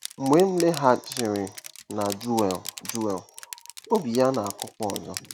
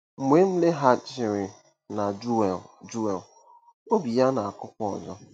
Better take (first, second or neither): second